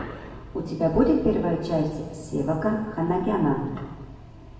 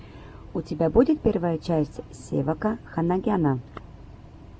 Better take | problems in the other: second | room echo; dies away in 1.2 s

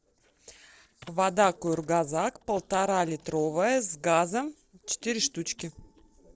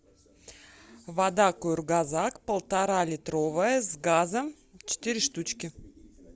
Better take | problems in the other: second | noise reduction (neural separator model SepFormer DNS4)

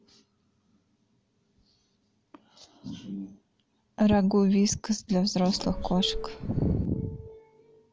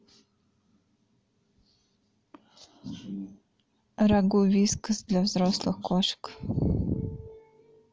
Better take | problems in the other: second | background sound (Subway, metro, underground / Doorbell); 7 dB below the speech

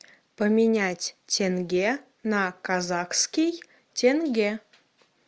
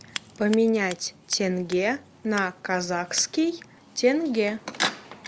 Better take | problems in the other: first | background sound (Scissors); 12 dB below the speech

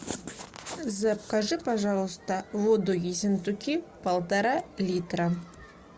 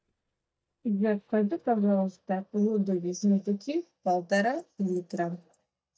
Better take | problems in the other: first | noise reduction (neural mask model DeepFilterNet 3)

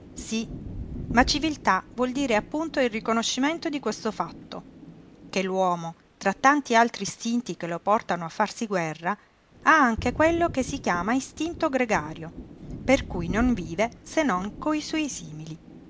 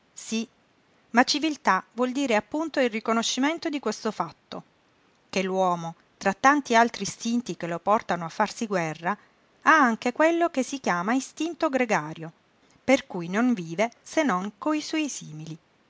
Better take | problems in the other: second | background sound (Thunder); 14 dB below the speech

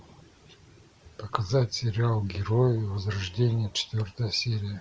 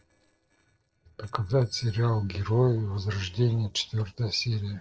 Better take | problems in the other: first | noise reduction (neural separator model SepFormer DNS4)

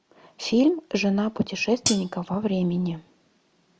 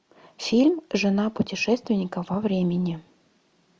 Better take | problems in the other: second | background sound (Hi-hat); 3 dB below the speech

